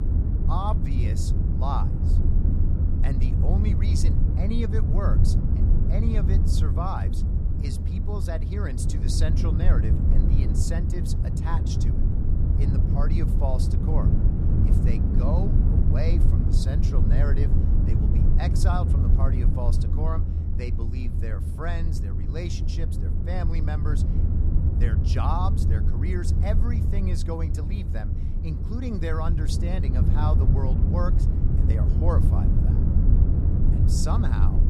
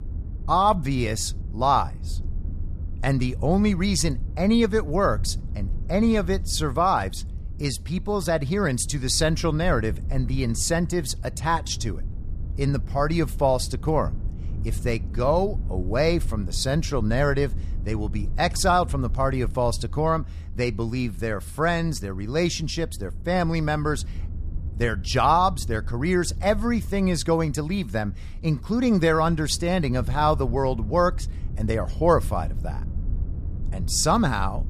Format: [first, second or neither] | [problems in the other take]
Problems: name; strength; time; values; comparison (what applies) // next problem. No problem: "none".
second | low rumble; loud; throughout; 2 dB below the speech; faint in the second